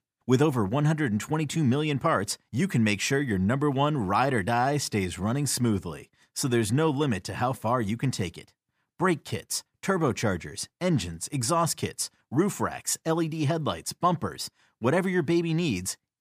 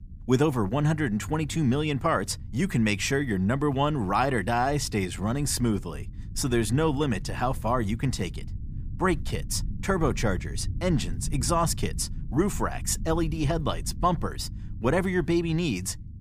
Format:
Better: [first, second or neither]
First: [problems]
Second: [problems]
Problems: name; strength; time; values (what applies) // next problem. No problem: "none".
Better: first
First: none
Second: low rumble; faint; throughout; 25 dB below the speech